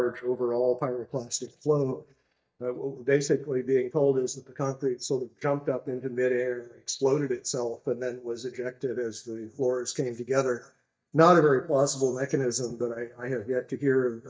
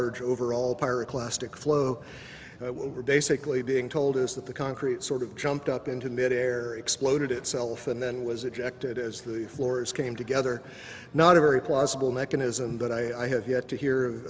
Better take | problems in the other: second | noise reduction (neural mask model DeepFilterNet 3)

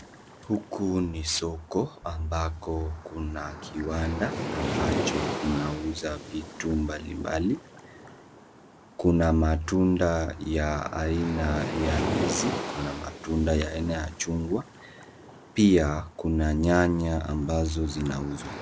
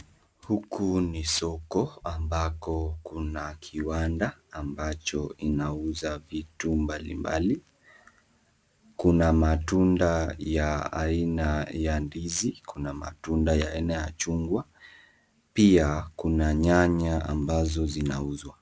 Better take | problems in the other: second | background sound (Waves, surf); 9 dB below the speech

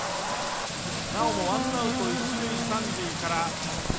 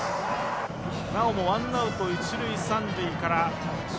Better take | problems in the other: second | background sound (Bathtub (filling or washing) + Wind instrument, woodwind instrument); 1 dB below the speech

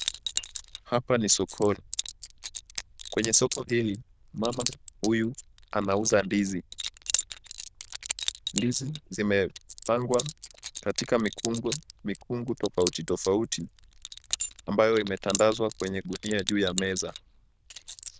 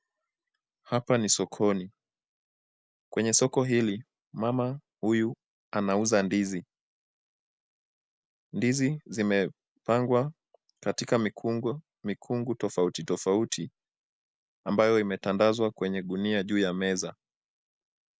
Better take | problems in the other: second | noise reduction (neural diffusion model UNIVERSE++)

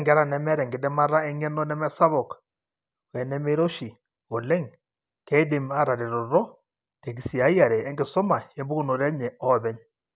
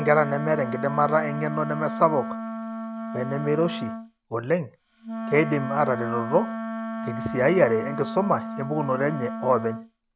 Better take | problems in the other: first | background sound (Wind instrument, woodwind instrument); 7 dB below the speech

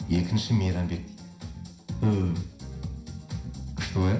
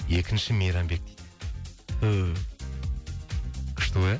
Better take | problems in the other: second | room echo; dies away in 0.5 s

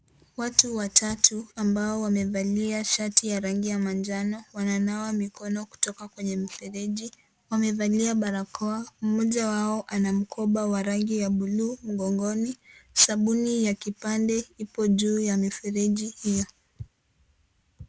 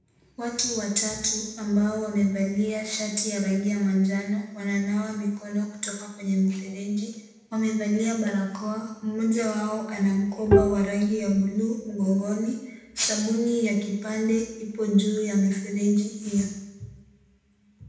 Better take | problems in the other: first | background sound (Bowed string instrument); 3 dB above the speech // room echo; dies away in 0.9 s

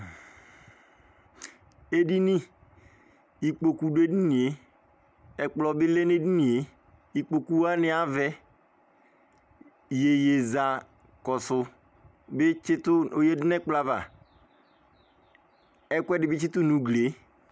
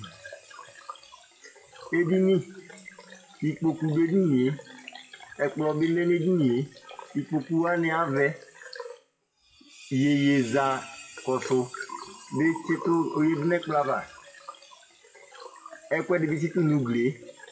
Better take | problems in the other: first | noise reduction (classical method WPE with log-MMSE)

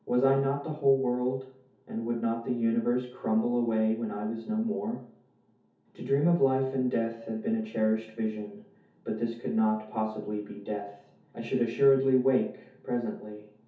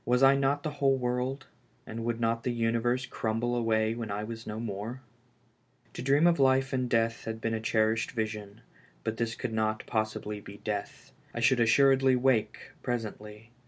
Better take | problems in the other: second | room echo; dies away in 0.5 s

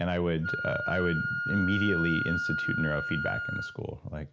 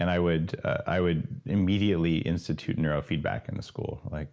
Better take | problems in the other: second | background sound (Wind instrument, woodwind instrument); 2 dB below the speech

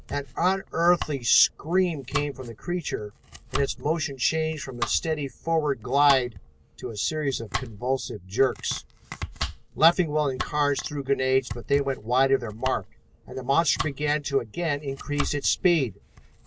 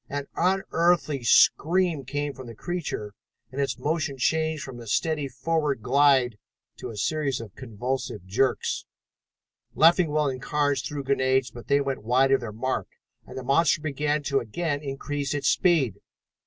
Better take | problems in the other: second | background sound (Domestic sounds, home sounds); 11 dB below the speech

